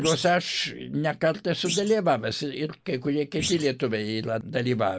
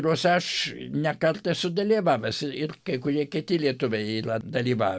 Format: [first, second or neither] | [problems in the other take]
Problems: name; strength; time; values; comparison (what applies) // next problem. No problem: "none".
second | noise reduction (neural mask model Resemble Enhance denoiser)